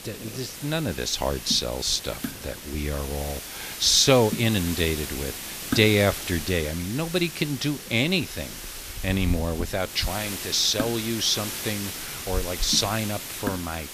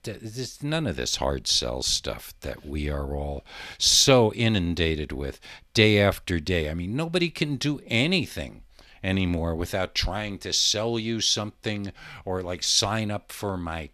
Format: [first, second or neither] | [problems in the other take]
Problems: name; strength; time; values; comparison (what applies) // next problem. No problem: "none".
second | hiss; loud; throughout; 8 dB below the speech